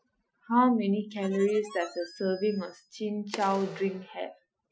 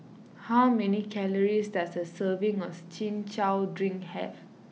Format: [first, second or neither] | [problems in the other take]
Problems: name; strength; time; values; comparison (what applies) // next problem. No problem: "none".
second | noise reduction (classical method Wiener filter)